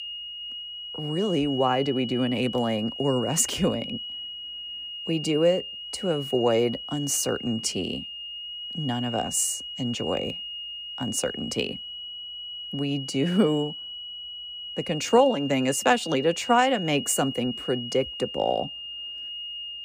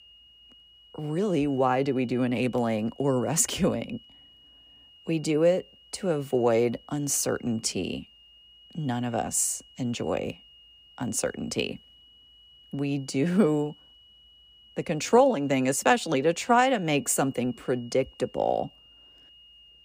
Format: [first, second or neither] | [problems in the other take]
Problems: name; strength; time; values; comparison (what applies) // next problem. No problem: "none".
second | high-pitched whine; loud; throughout; 3 kHz, 8 dB below the speech; faint in the second